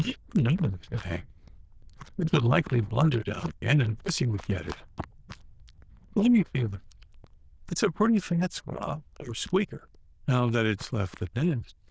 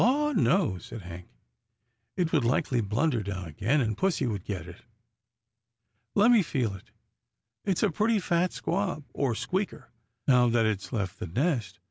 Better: second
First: noise reduction (neural diffusion model UNIVERSE++)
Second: none

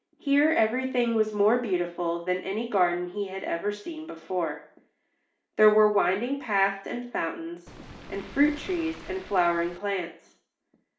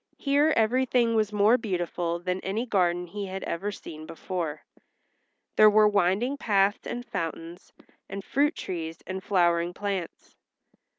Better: second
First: background sound (Waves, surf); 16 dB below the speech // room echo; dies away in 0.5 s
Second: none

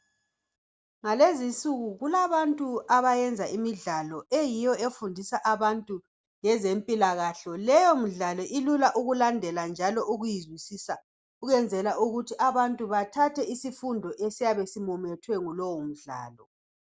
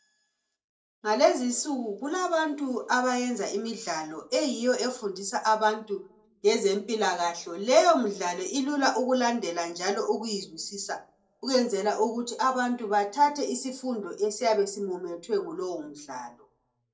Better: first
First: none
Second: room echo; dies away in 0.2 s

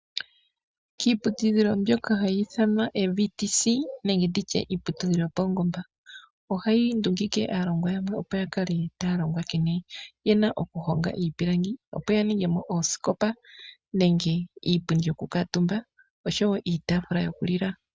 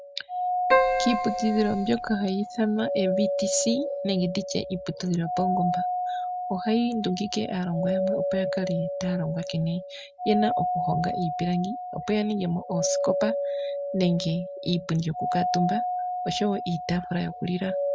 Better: first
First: none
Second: background sound (Doorbell + Keyboard (musical)); 1 dB below the speech

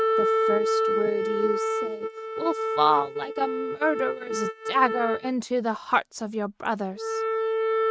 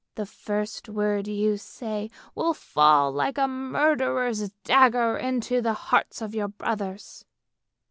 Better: second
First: noise reduction (neural mask model RNNoise)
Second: none

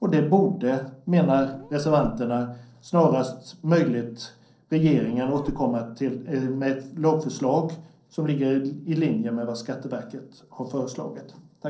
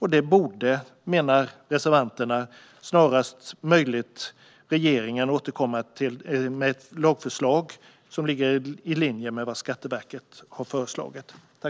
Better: second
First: noise reduction (neural separator model SepFormer DNS4)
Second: none

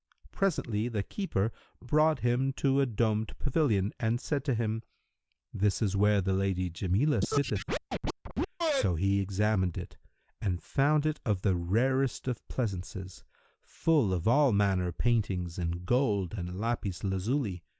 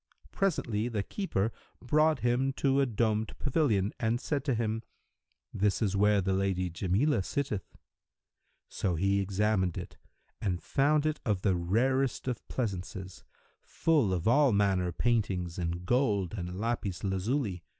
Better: second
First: noise reduction (neural mask model Resemble Enhance denoiser)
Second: none

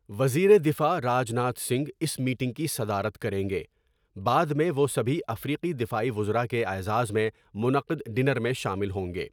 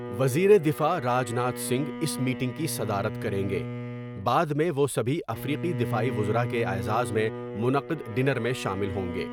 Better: first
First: none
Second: background sound (Bowed string instrument); 8 dB below the speech

